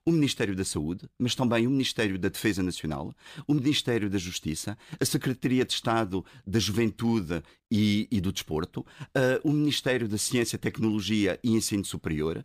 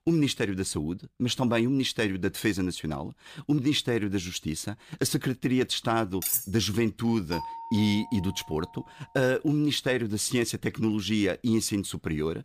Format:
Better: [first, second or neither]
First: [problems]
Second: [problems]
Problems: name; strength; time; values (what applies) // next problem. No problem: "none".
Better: first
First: none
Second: clattering dishes; loud; at 6 s; peak 1 dB above the speech // doorbell; noticeable; from 7.5 to 9 s; peak 9 dB below the speech